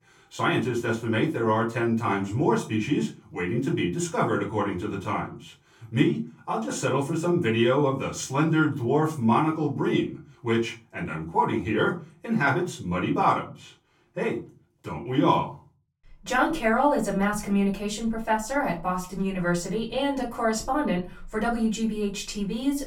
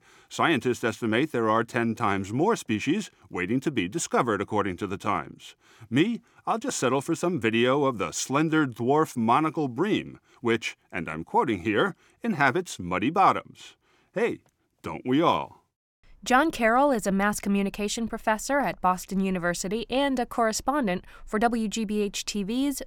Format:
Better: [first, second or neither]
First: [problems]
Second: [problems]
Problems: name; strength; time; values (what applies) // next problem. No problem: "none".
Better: second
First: off-mic speech; far // room echo; slight; dies away in 0.4 s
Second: none